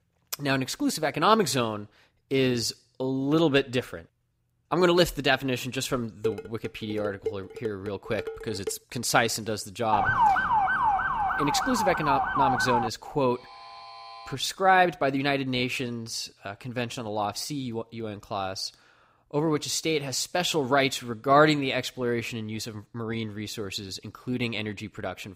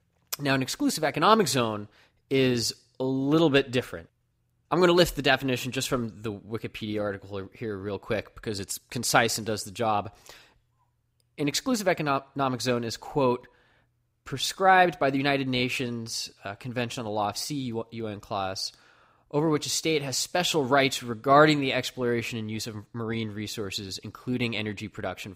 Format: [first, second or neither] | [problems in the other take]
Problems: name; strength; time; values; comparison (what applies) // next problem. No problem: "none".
second | clattering dishes; noticeable; from 6 to 8.5 s; peak 7 dB below the speech // siren; loud; from 10 to 13 s; peak 6 dB above the speech // alarm; faint; from 13 to 14 s; peak 15 dB below the speech